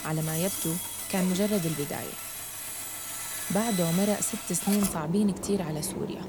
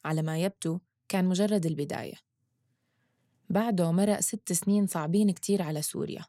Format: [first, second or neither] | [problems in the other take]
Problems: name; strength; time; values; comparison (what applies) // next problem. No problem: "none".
second | machinery noise; loud; throughout; 4 dB below the speech